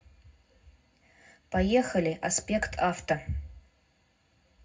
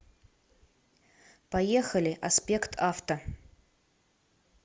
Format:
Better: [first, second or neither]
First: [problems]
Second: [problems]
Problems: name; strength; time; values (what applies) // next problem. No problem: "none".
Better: second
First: room echo; dies away in 0.3 s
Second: none